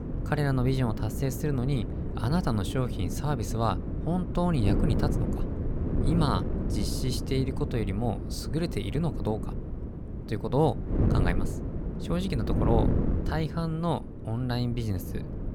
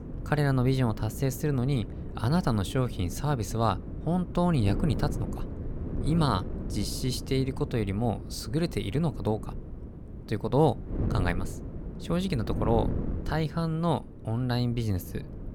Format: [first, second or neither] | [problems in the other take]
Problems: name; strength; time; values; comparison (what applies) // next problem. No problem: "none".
second | wind noise on the microphone; heavy; 6 dB below the speech; occasional gusts in the second